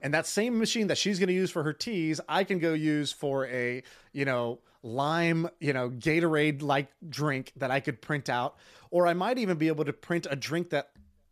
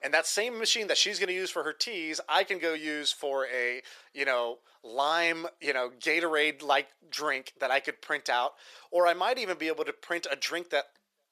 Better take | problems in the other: first | thin; very; fading below 500 Hz

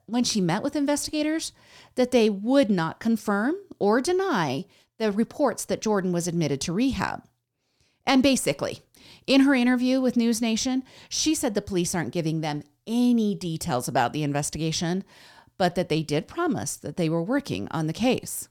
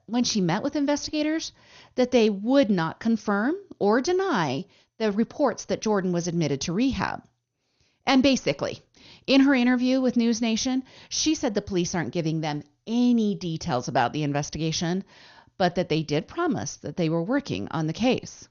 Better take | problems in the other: first | garbled, watery; slightly; nothing above 6.5 kHz

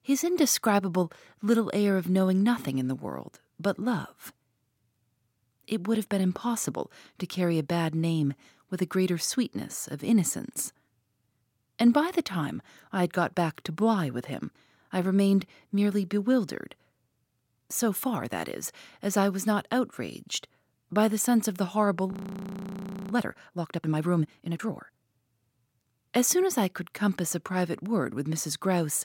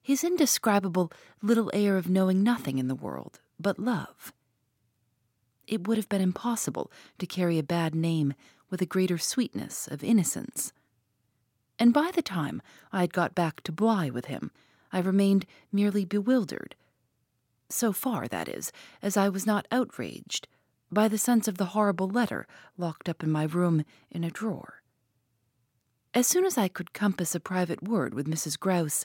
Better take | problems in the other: second | audio freezing; at 22 s for 1 s

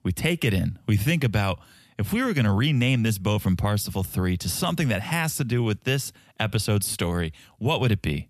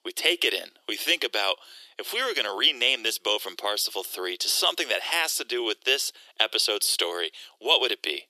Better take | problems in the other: first | thin; very; fading below 350 Hz

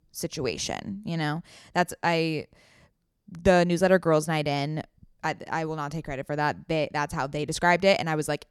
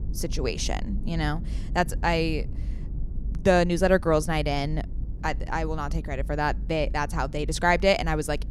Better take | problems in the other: first | low rumble; faint; throughout; 25 dB below the speech

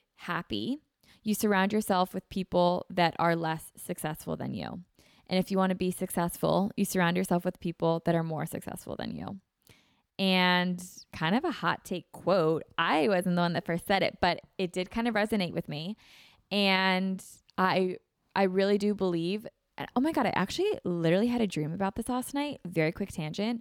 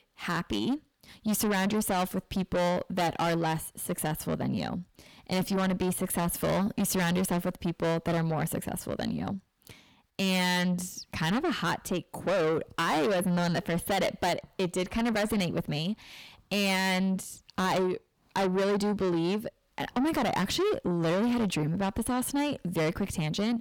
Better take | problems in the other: first | distortion; heavy; 5 dB below the speech

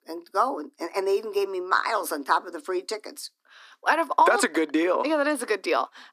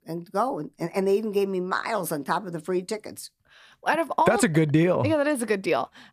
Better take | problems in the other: second | thin; somewhat; fading below 250 Hz

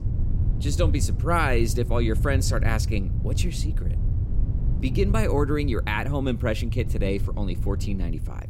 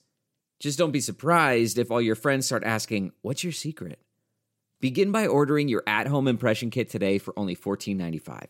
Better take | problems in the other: second | low rumble; noticeable; throughout; 15 dB below the speech

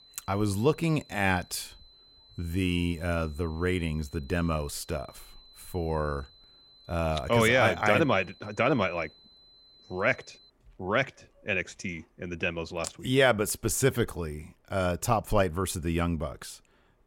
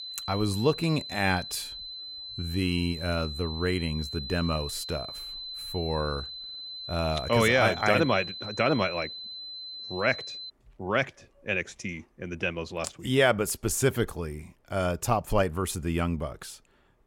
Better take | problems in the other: first | high-pitched whine; loud; until 11 s; 4 kHz, 9 dB below the speech; faint in the first

